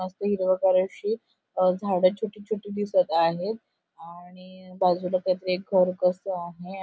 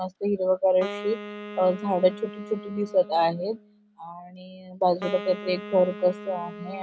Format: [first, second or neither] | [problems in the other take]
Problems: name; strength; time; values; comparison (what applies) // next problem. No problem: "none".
first | background sound (Wind instrument, woodwind instrument); 13 dB below the speech